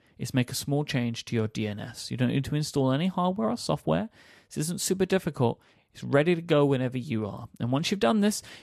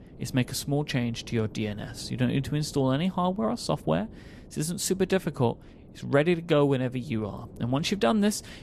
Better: first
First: none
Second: wind noise on the microphone; occasional gusts; 25 dB below the speech

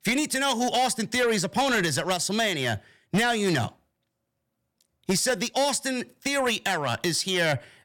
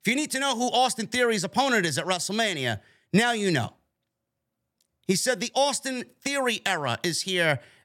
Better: second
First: distortion; slight; 10 dB below the speech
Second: none

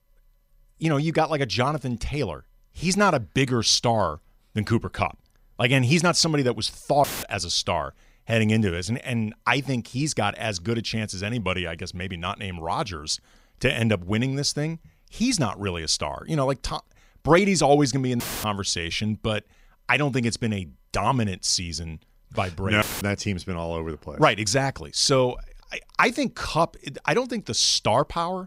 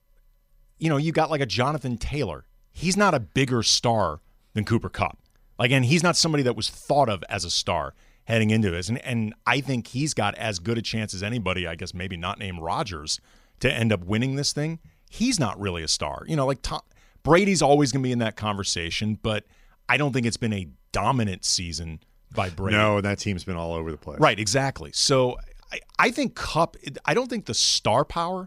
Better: second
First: audio cutting out; filled with static; at 7 s, at 18 s and at 23 s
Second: none

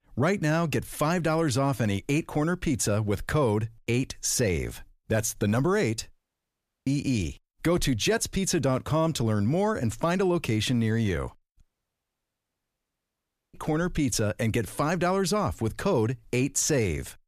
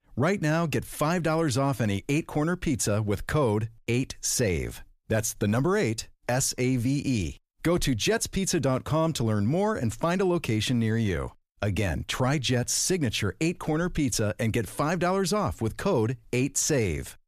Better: second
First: audio cutting out; at 6 s for 1 s and at 12 s for 2 s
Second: none

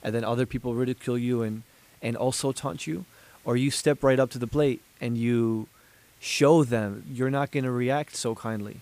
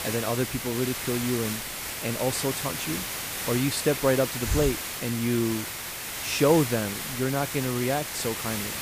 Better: first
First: hiss; faint; throughout; 30 dB below the speech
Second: hiss; loud; throughout; 3 dB below the speech

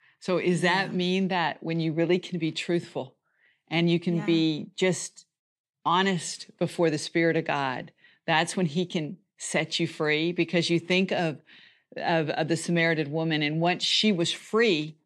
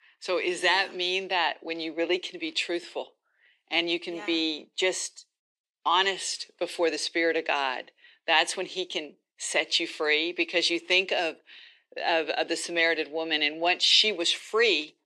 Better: first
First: none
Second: thin; very; fading below 350 Hz

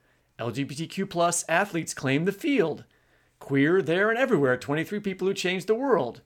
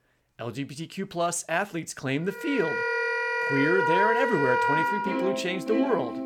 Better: first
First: none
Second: background music; very loud; from 2.5 s on; 3 dB above the speech

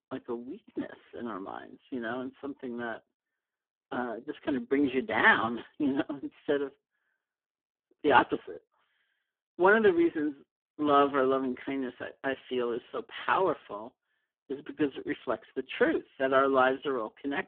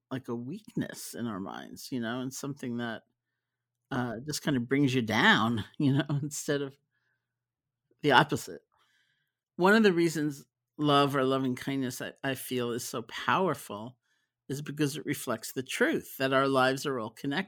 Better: second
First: phone-call audio; poor line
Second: none

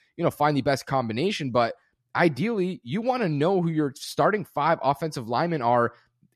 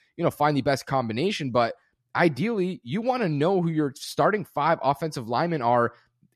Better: neither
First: none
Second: none

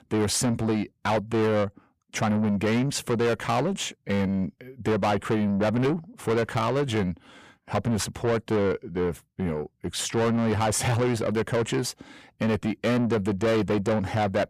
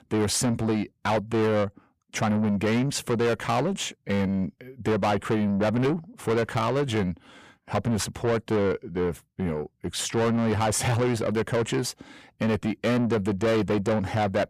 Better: neither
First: distortion; heavy; 7 dB below the speech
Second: distortion; heavy; 7 dB below the speech

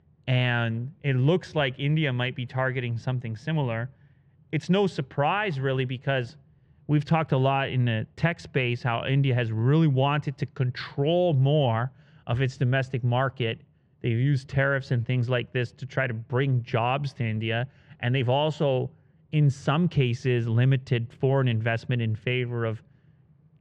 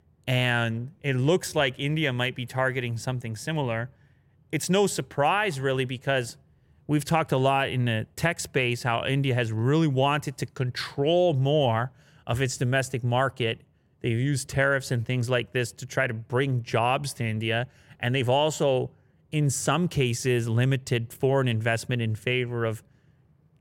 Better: second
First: muffled; slightly; fading above 4 kHz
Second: none

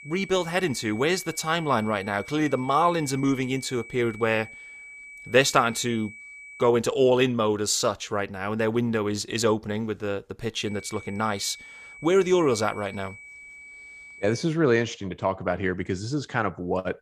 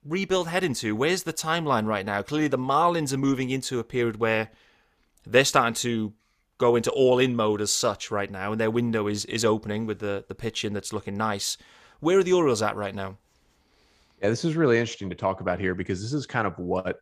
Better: second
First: high-pitched whine; noticeable; until 6.5 s and from 11 to 14 s; 2.5 kHz, 15 dB below the speech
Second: none

